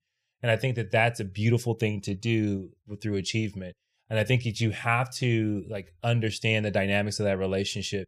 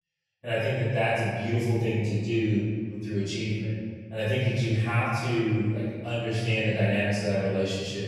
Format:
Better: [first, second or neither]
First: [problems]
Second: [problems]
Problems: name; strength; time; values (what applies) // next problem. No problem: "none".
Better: first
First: none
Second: off-mic speech; far // room echo; strong; dies away in 1.6 s